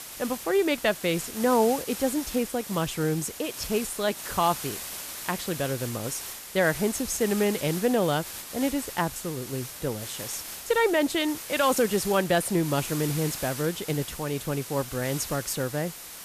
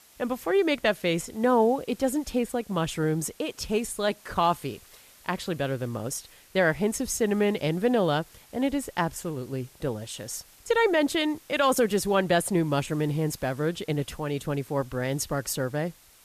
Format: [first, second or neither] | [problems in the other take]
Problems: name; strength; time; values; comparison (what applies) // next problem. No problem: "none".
second | hiss; loud; throughout; 8 dB below the speech; faint in the second